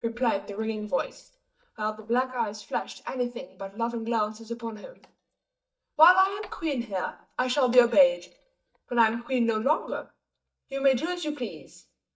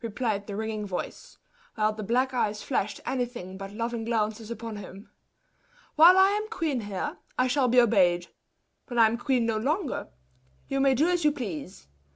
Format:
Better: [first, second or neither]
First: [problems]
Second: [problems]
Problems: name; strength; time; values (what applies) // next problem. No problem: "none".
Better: second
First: noise reduction (neural mask model DeepFilterNet 3)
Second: none